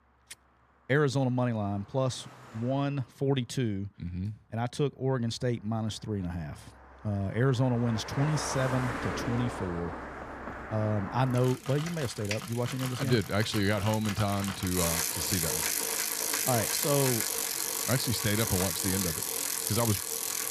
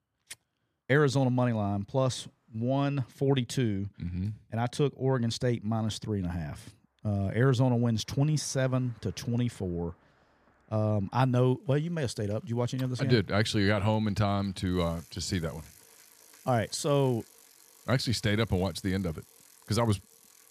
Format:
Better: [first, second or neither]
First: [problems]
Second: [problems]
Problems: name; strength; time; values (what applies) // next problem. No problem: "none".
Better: second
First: traffic noise; loud; throughout; 1 dB below the speech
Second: traffic noise; faint; throughout; 30 dB below the speech